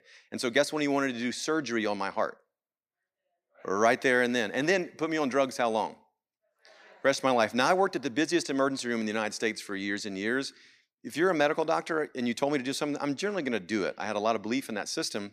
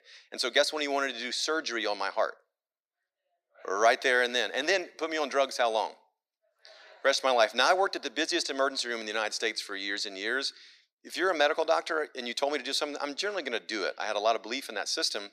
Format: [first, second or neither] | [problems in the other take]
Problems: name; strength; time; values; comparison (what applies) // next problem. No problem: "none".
first | thin; somewhat; fading below 400 Hz